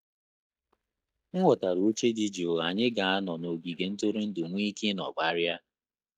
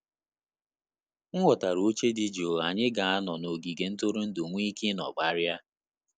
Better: second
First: noise reduction (neural mask model DeepFilterNet 3)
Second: none

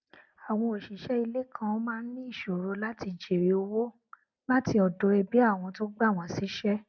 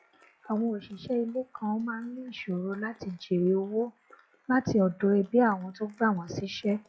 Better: first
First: none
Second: noise reduction (classical method log-MMSE)

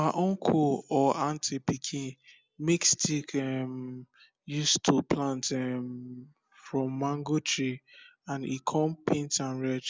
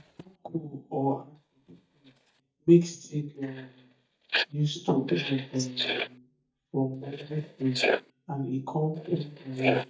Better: first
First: none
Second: noise reduction (neural mask model DeepFilterNet 3)

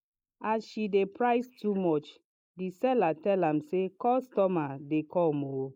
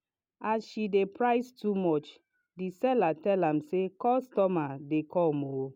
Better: second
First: noise reduction (neural mask model Resemble Enhance denoiser)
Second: none

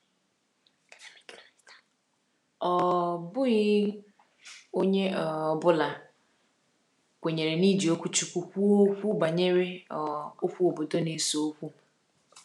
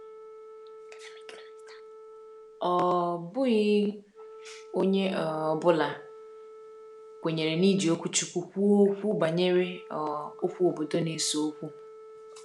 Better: first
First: none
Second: background sound (Wind instrument, woodwind instrument); 19 dB below the speech

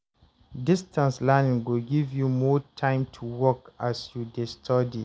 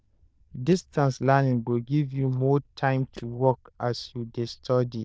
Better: first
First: none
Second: noise reduction (neural diffusion model UNIVERSE++)

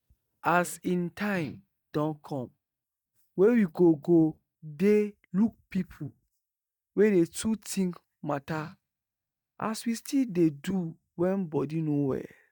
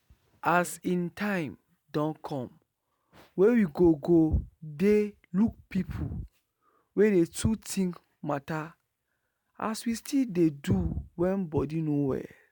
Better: second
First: noise reduction (neural mask model DeepFilterNet 3)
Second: none

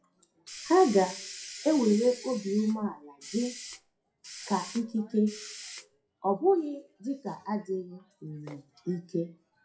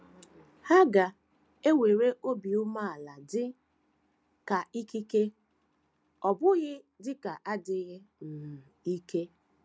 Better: second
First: noise reduction (classical method WPE with log-MMSE)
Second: none

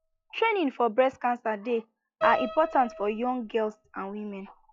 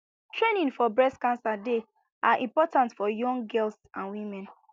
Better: second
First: noise reduction (classical method log-MMSE)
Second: none

